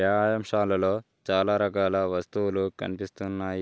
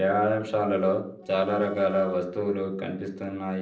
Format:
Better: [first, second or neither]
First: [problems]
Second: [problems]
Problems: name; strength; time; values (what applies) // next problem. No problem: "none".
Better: first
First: none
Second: noise reduction (neural separator model SepFormer DNS4)